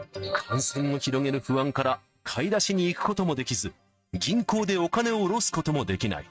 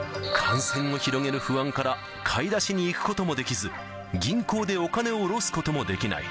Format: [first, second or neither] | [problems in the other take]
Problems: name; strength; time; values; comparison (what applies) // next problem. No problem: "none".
second | noise reduction (neural mask model RNNoise)